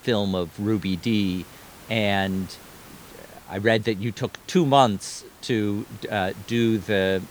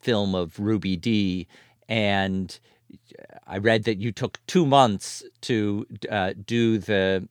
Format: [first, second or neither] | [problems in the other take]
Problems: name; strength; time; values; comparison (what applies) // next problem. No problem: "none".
second | hiss; faint; throughout; 20 dB below the speech